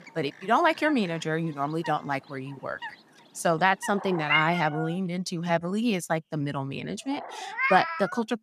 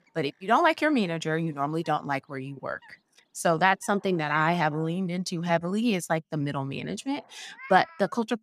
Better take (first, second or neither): second